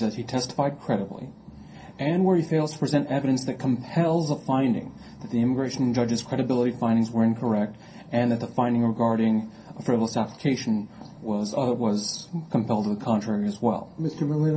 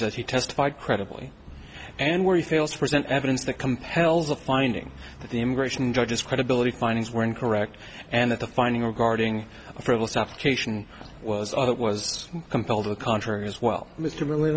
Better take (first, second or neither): second